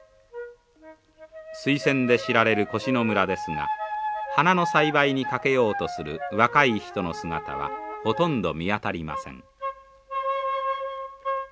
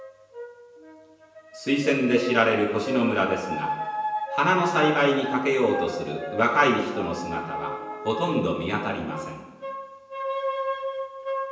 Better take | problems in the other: first | room echo; dies away in 1 s

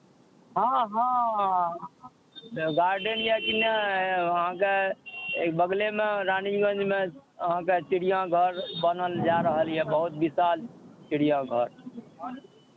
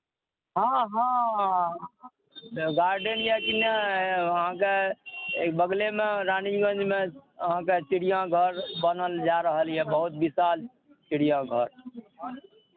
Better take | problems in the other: second | background sound (Thunder / Rain); 18 dB below the speech

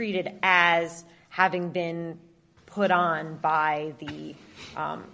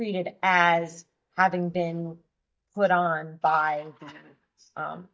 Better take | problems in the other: first | noise reduction (neural mask model DeepFilterNet 3)

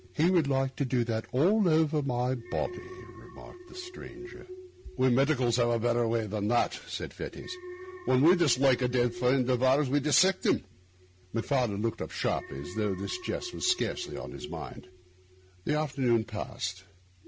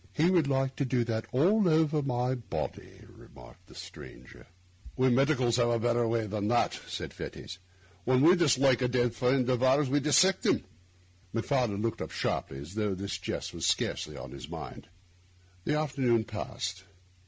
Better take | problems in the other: second | background sound (Alarm); 18 dB below the speech

